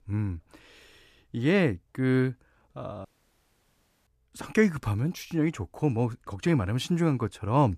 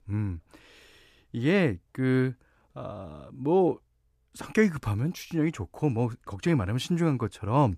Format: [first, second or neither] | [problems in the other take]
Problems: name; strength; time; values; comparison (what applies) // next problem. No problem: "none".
second | audio cutting out; at 3 s for 1 s